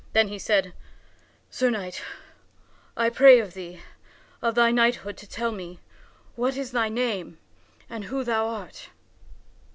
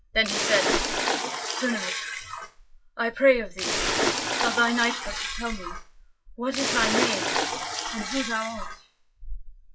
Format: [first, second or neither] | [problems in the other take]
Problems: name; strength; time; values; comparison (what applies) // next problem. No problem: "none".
first | noise reduction (classical method WPE with log-MMSE)